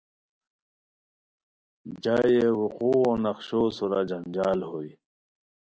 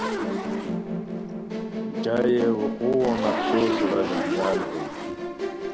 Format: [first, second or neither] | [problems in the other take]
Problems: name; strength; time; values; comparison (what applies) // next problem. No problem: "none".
first | background sound (Zipper (clothing) + Musical instrument); as loud as the speech